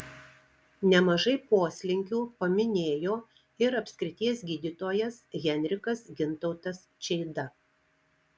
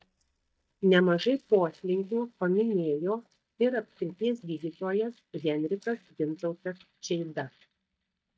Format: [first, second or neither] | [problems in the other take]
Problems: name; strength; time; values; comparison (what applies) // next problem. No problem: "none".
first | noise reduction (neural mask model DeepFilterNet 3)